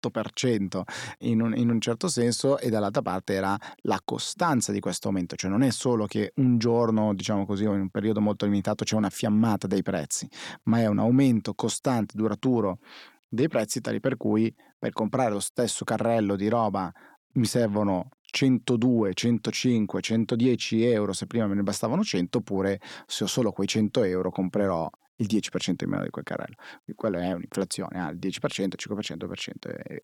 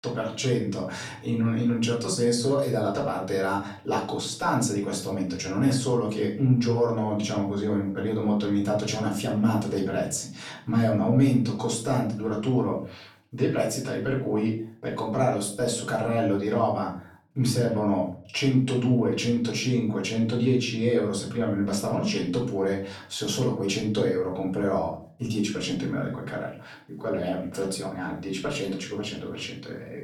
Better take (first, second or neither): first